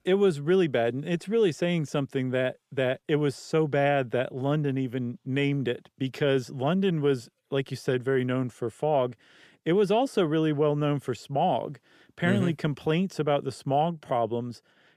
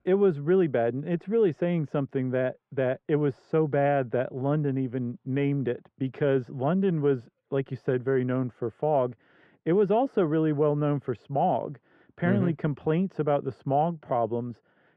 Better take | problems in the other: first | muffled; very; fading above 4 kHz

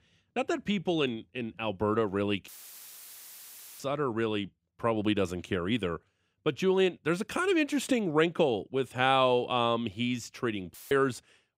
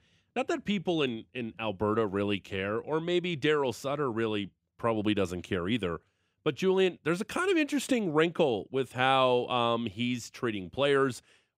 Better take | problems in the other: second | audio cutting out; filled with static; at 2.5 s for 1.5 s and at 11 s

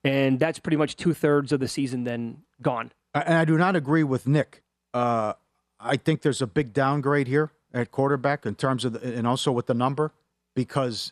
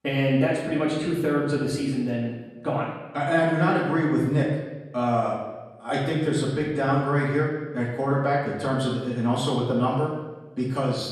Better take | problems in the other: first | room echo; noticeable; dies away in 1 s // off-mic speech; far

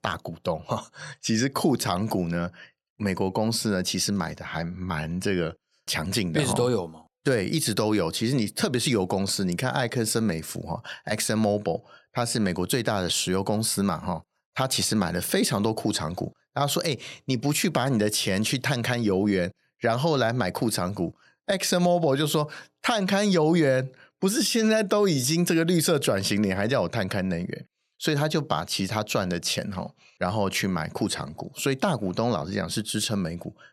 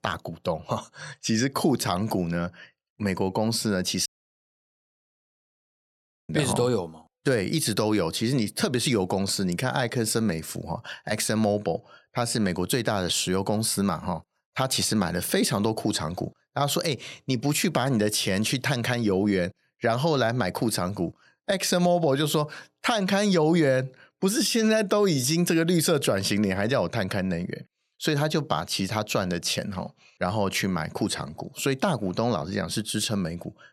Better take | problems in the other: first | audio cutting out; at 4 s for 2 s

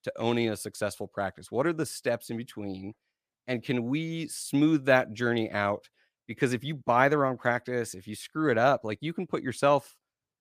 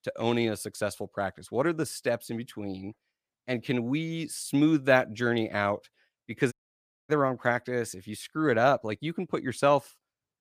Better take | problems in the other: first | audio cutting out; at 6.5 s for 0.5 s

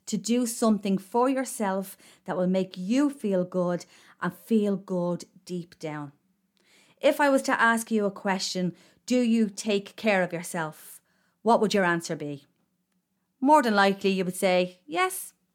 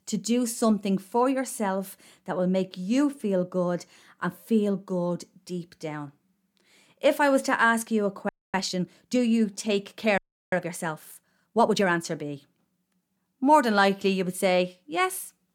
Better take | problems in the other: first | audio freezing; at 8.5 s and at 10 s

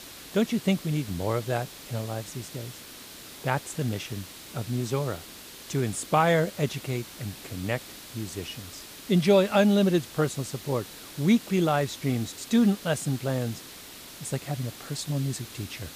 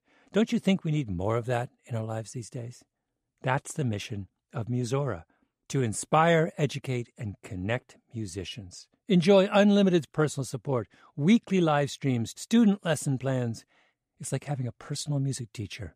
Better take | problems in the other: second | hiss; noticeable; throughout; 15 dB below the speech

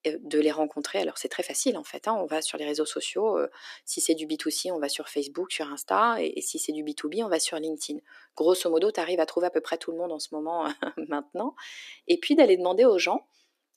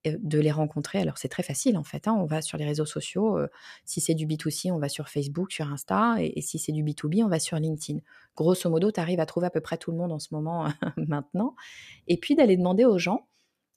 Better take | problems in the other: second | thin; somewhat; fading below 300 Hz

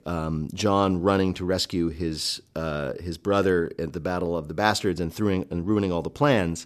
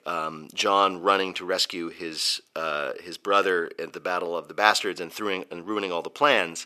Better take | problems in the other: first | thin; very; fading below 500 Hz

